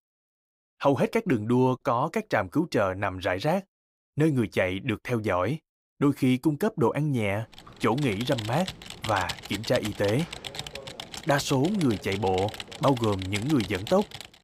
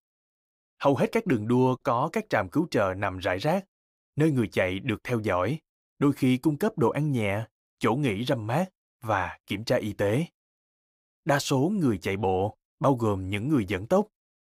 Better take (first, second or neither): second